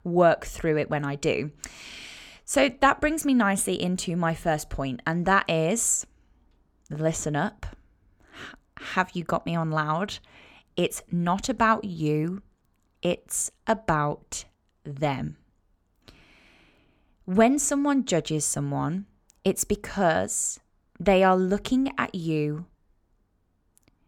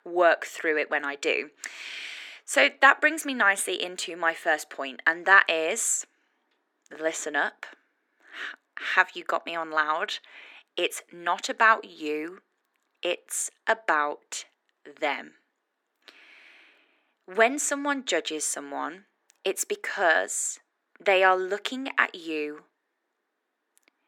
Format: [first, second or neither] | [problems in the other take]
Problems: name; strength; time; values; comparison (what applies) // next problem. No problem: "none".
first | thin; very; fading below 300 Hz